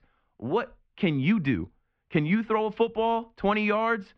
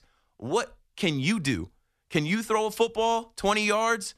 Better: second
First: muffled; very; fading above 3 kHz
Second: none

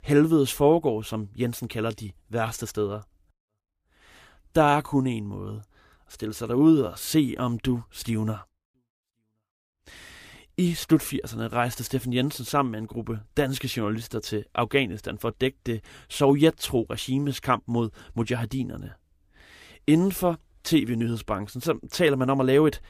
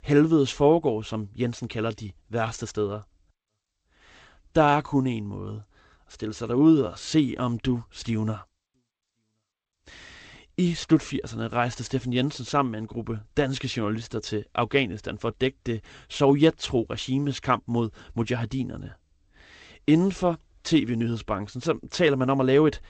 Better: first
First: none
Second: garbled, watery; slightly; nothing above 8 kHz

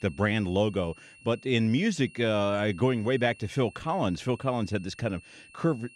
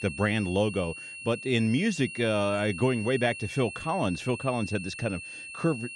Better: first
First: high-pitched whine; faint; throughout; 2.5 kHz, 25 dB below the speech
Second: high-pitched whine; loud; throughout; 2.5 kHz, 10 dB below the speech

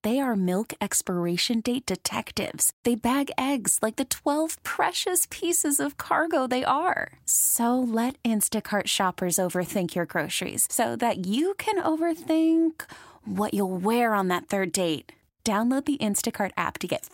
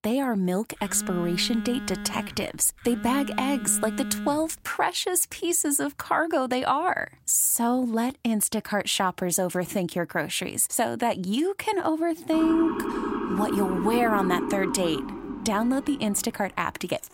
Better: first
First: none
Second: phone ringing; noticeable; from 1 to 4.5 s; peak 7 dB below the speech // siren; noticeable; from 12 to 16 s; peak 3 dB below the speech

